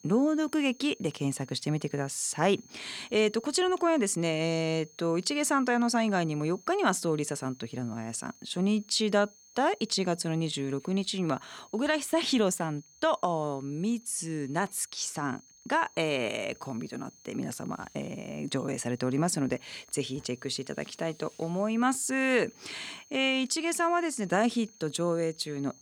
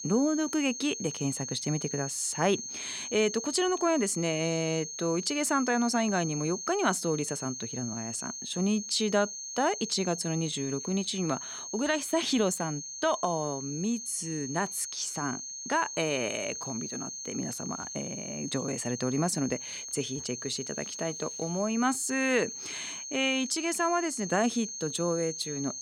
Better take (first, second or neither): first